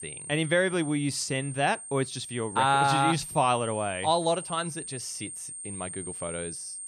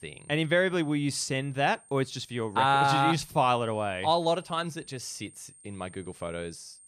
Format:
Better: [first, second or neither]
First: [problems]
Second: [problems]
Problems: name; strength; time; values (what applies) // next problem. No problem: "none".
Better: second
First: high-pitched whine; loud; throughout; 8.5 kHz, 10 dB below the speech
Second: high-pitched whine; faint; throughout; 8.5 kHz, 25 dB below the speech